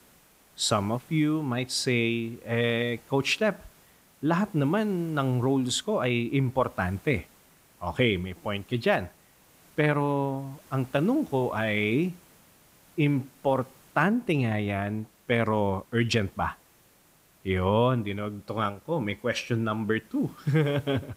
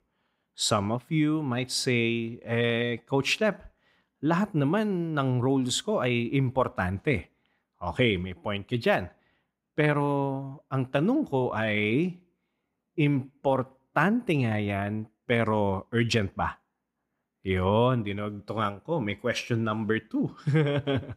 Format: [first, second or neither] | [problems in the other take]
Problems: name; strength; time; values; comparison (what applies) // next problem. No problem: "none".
second | hiss; faint; throughout; 30 dB below the speech